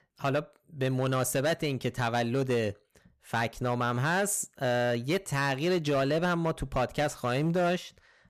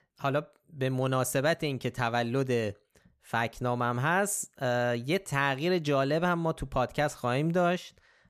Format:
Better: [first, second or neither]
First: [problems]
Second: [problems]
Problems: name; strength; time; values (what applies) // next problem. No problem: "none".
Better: second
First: distortion; slight; 8% of the sound clipped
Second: none